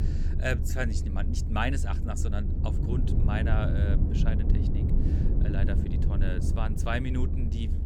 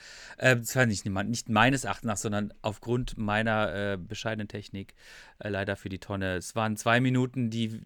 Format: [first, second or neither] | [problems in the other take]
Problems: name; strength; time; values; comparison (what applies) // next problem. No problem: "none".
second | low rumble; loud; throughout; 5 dB below the speech